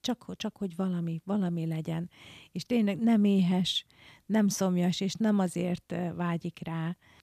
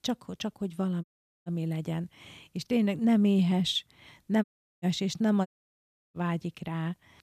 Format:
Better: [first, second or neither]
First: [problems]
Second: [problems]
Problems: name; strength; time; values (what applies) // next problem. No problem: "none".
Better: first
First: none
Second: audio cutting out; at 1 s, at 4.5 s and at 5.5 s for 0.5 s